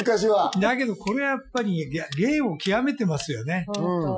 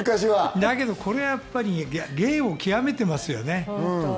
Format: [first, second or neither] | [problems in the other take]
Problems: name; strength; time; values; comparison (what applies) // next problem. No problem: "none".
second | noise reduction (classical method Wiener filter)